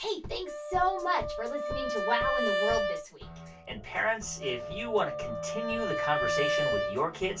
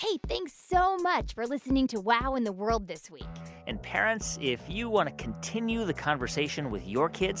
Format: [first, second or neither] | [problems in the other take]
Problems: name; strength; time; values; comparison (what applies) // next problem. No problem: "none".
second | background sound (Wind instrument, woodwind instrument); as loud as the speech // room echo; dies away in 0.2 s